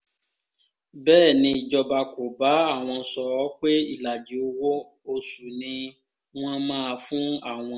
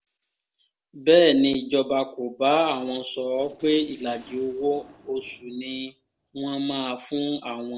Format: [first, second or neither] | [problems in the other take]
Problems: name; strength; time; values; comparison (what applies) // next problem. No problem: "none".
first | noise reduction (neural separator model SepFormer DNS4)